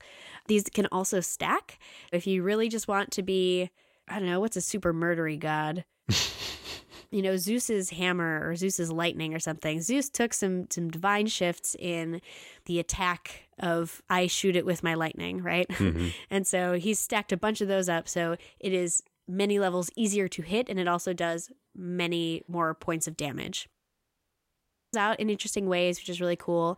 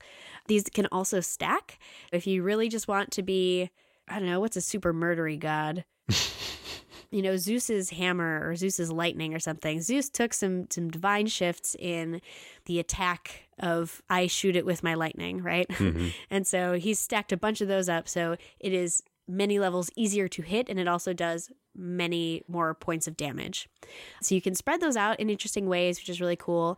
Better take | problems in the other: second | audio cutting out; at 24 s for 1 s

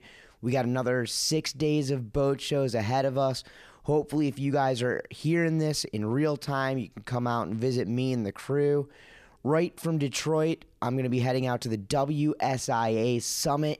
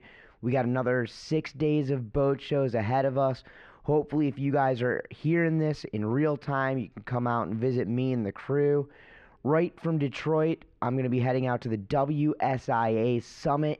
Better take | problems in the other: first | muffled; very; fading above 2 kHz

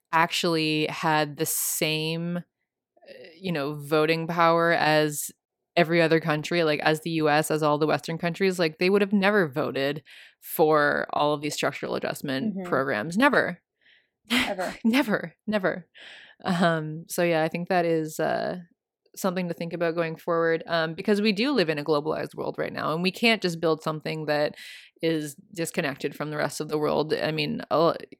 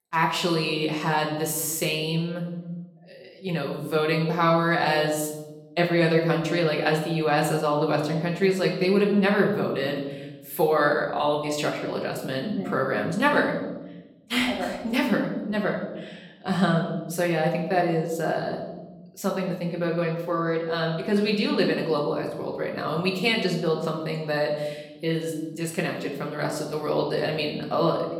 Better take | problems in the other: first | room echo; noticeable; dies away in 1 s // off-mic speech; far

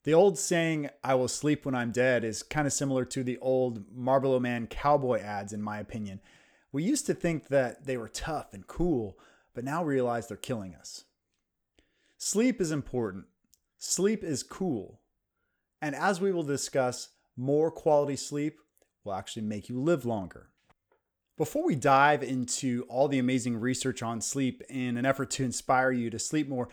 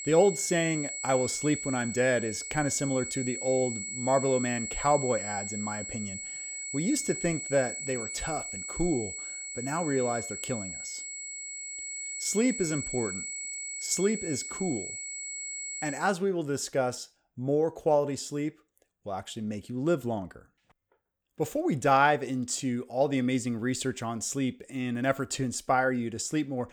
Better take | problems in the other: first | high-pitched whine; loud; until 16 s; 8 kHz, 5 dB below the speech

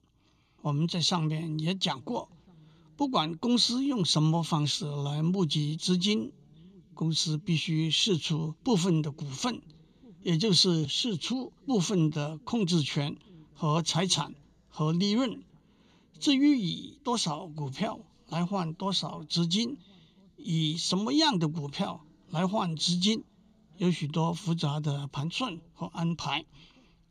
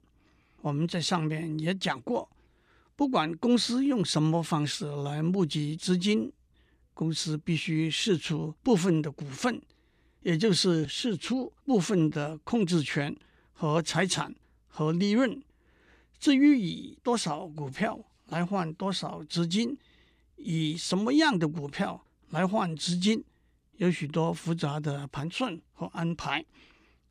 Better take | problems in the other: second | room echo; slight; dies away in 3 s

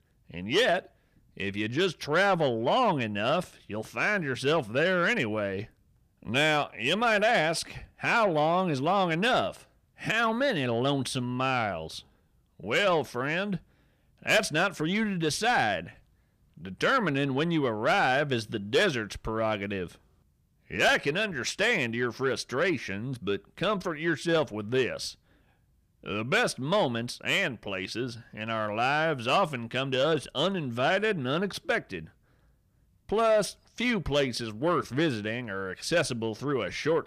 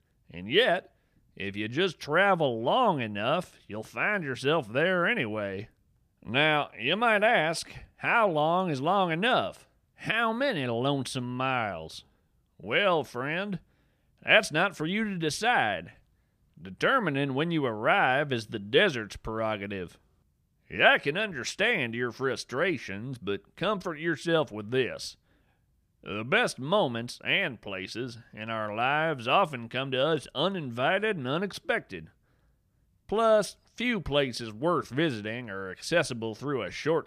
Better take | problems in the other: second | distortion; slight; 10 dB below the speech

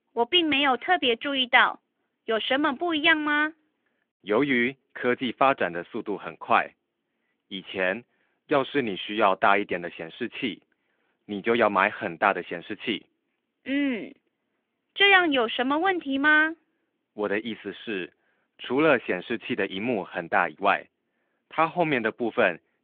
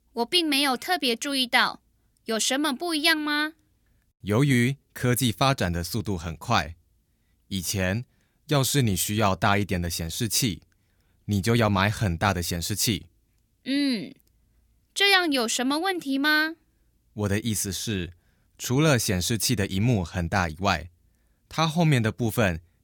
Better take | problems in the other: second | phone-call audio; nothing above 3.5 kHz

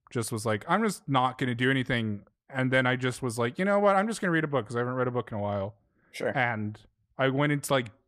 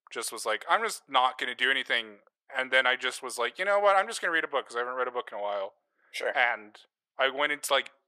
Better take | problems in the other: first | thin; very; fading below 500 Hz

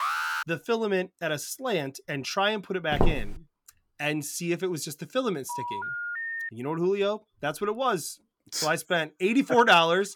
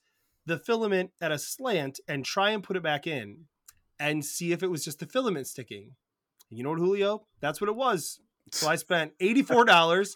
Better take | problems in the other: second | alarm; noticeable; at the start; peak level with the speech // footsteps; noticeable; at 3 s; peak 2 dB below the speech // phone ringing; noticeable; from 5.5 to 6.5 s; peak 4 dB below the speech

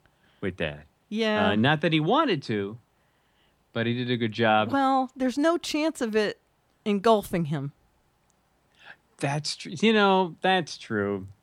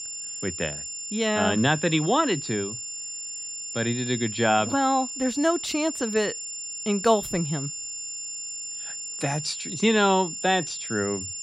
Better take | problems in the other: first | high-pitched whine; loud; throughout; 7 kHz, 7 dB below the speech

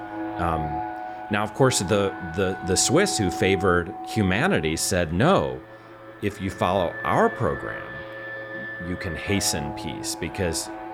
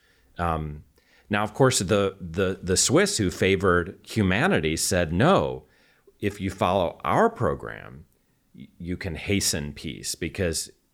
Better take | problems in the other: second | alarms or sirens; noticeable; throughout; 10 dB below the speech

